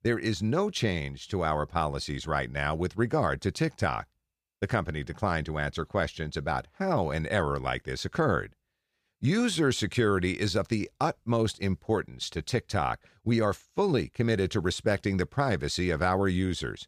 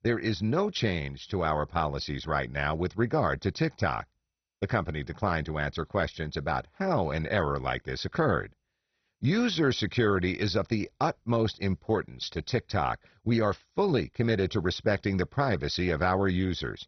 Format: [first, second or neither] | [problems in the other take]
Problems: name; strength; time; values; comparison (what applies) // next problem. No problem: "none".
first | garbled, watery; badly; nothing above 6 kHz